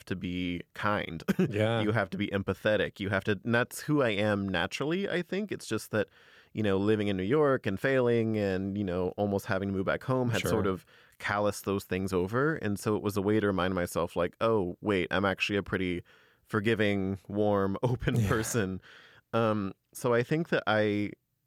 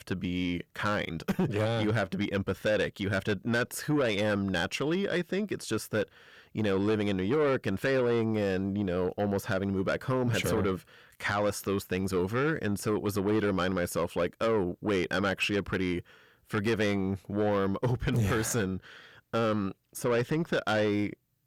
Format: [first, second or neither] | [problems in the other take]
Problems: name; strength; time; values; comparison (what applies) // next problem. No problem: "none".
first | distortion; slight; 10 dB below the speech